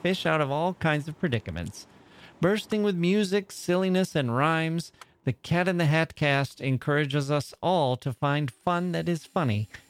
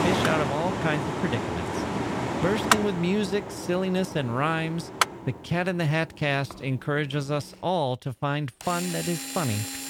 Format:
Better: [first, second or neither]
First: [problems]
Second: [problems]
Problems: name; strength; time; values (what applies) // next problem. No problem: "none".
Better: first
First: machinery noise; faint; throughout; 30 dB below the speech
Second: machinery noise; loud; throughout; 1 dB below the speech